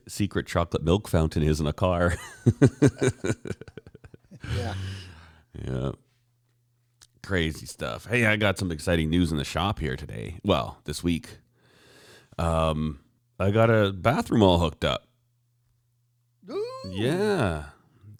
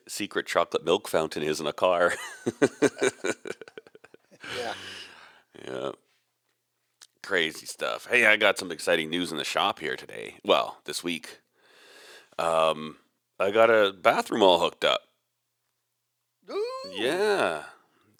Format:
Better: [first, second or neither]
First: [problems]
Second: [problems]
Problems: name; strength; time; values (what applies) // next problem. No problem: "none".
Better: first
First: none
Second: thin; somewhat; fading below 500 Hz